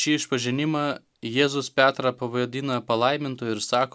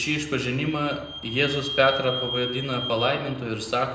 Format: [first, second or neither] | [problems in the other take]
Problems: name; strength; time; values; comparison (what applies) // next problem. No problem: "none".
first | background sound (Squeak / Vehicle); 9 dB below the speech // room echo; dies away in 0.8 s